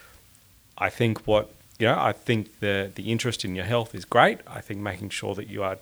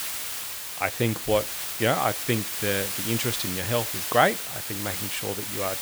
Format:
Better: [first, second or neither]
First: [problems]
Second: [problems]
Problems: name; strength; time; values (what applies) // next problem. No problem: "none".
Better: first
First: hiss; faint; throughout; 30 dB below the speech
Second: hiss; loud; throughout; 2 dB below the speech